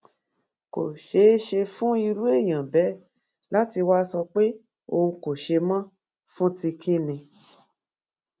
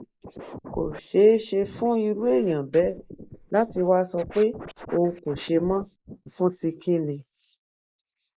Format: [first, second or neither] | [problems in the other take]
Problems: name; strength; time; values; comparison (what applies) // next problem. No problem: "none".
first | noise reduction (neural mask model Resemble Enhance denoiser)